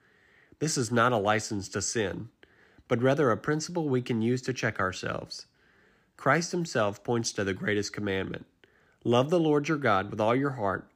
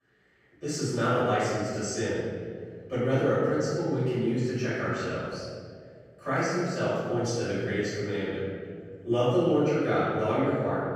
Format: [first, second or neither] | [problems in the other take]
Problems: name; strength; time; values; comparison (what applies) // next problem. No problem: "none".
first | off-mic speech; far // room echo; strong; dies away in 2 s